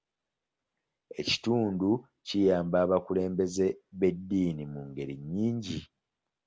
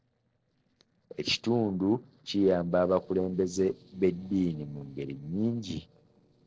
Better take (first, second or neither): first